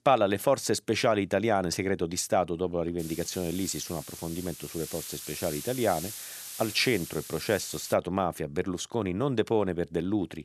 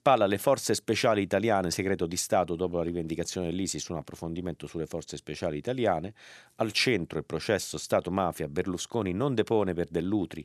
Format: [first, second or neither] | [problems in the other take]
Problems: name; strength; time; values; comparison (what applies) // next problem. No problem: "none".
second | hiss; loud; from 3 to 8 s; 10 dB below the speech